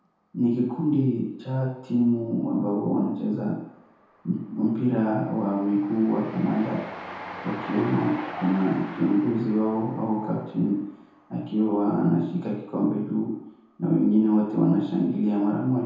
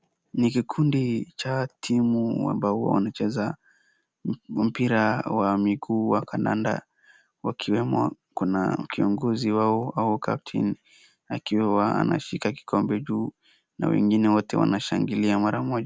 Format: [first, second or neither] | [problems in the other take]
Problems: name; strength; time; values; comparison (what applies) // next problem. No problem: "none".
second | background sound (Train); 19 dB below the speech // room echo; dies away in 0.8 s